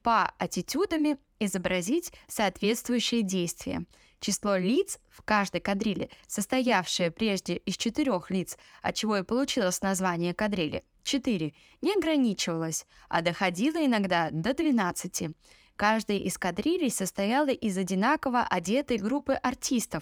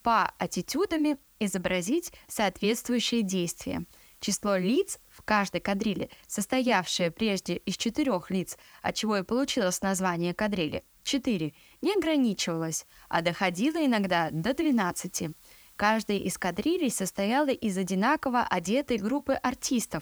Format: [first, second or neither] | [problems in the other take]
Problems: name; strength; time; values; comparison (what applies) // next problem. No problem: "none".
first | hiss; faint; throughout; 30 dB below the speech